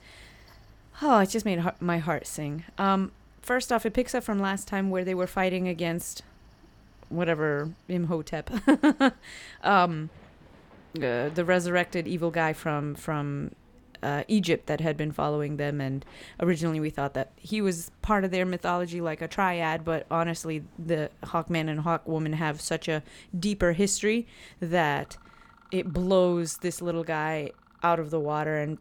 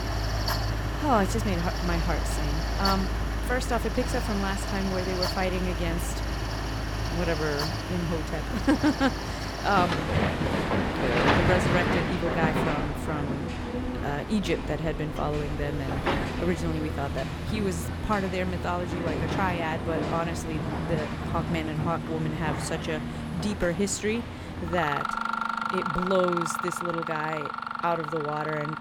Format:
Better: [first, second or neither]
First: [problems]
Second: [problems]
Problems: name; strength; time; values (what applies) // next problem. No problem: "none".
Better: first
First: machinery noise; faint; throughout; 30 dB below the speech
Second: machinery noise; loud; throughout; as loud as the speech